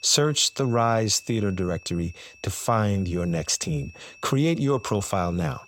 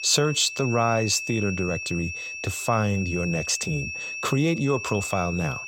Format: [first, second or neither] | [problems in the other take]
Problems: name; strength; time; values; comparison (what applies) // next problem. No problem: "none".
first | high-pitched whine; loud; throughout; 2.5 kHz, 6 dB below the speech; faint in the first